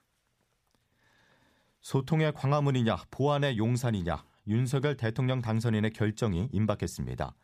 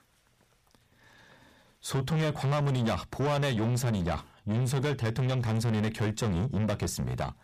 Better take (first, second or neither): first